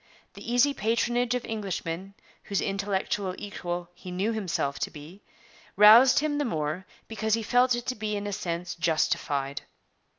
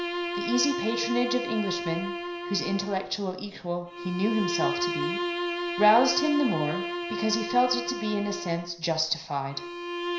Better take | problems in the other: first | background sound (Bowed string instrument); 4 dB below the speech // room echo; dies away in 0.5 s

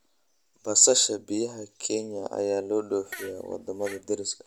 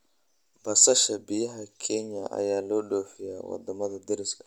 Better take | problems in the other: second | background sound (Fart); 17 dB below the speech

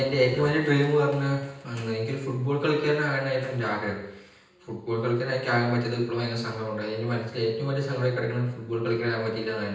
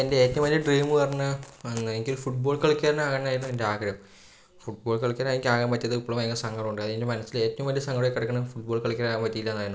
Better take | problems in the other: second | room echo; dies away in 0.9 s

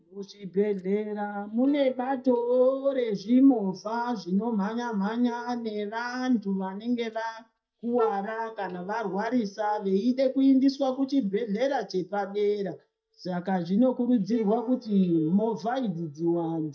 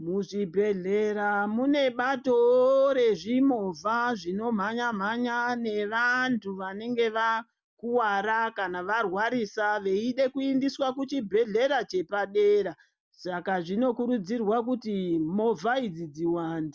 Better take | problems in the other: second | noise reduction (neural mask model DeepFilterNet 3)

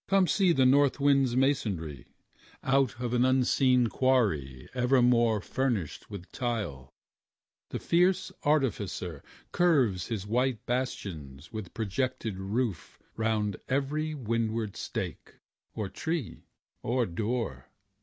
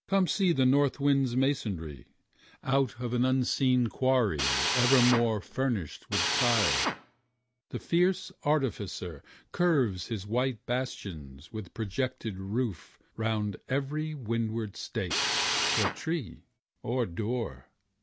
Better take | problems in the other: first | background sound (Drill); 1 dB below the speech

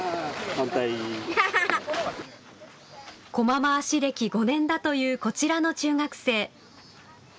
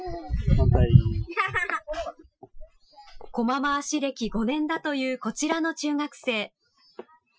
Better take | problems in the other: first | noise reduction (classical method Wiener filter)

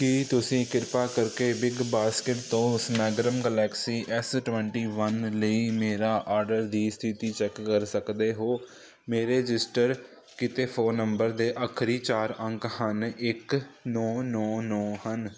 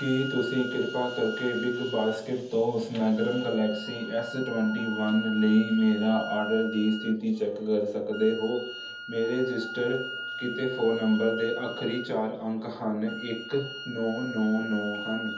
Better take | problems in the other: first | background sound (Wind instrument, woodwind instrument); 11 dB below the speech // room echo; dies away in 0.7 s

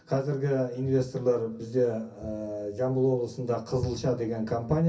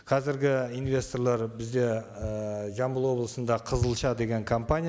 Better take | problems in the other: second | room echo; dies away in 0.3 s

